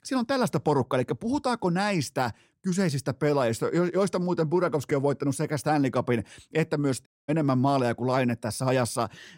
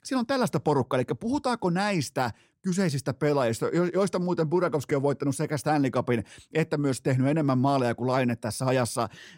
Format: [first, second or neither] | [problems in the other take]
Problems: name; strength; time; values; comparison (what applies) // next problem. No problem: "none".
second | audio cutting out; at 7 s